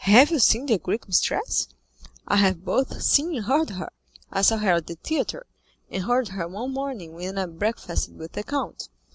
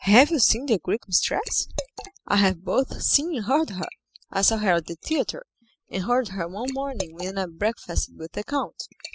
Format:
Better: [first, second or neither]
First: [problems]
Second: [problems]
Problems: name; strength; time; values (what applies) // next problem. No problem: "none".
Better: first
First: none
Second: noise reduction (classical method spectral subtraction)